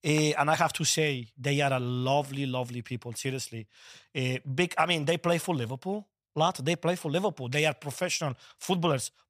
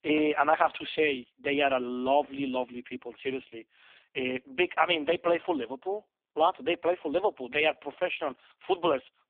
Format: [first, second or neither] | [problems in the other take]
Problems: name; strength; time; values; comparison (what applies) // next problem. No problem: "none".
first | phone-call audio; poor line; nothing above 3.5 kHz